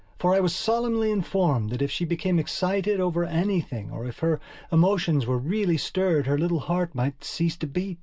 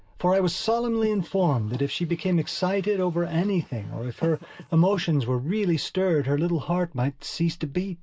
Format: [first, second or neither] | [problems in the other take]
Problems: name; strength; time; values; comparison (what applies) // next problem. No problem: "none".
first | noise reduction (neural mask model Resemble Enhance denoiser)